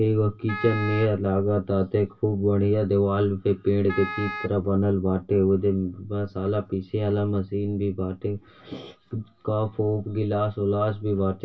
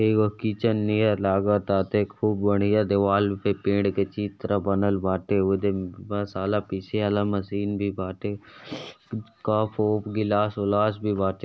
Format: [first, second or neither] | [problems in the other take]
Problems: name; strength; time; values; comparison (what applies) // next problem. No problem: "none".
second | background sound (Wind instrument, woodwind instrument); 11 dB below the speech // room echo; dies away in 0.1 s